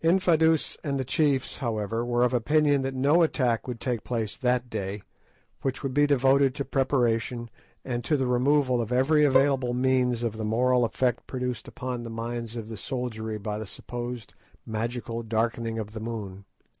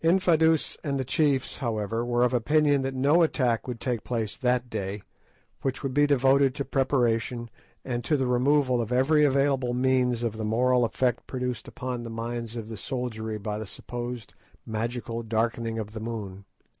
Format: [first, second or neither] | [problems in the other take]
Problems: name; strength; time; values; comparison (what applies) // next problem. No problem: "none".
second | background sound (Bowed string instrument); 8 dB below the speech